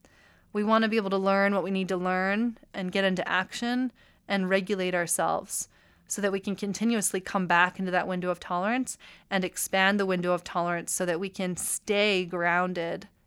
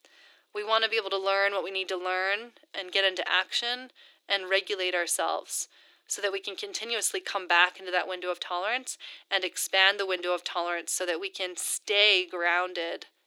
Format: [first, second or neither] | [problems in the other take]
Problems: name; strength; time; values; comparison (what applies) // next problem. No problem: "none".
first | thin; very; fading below 300 Hz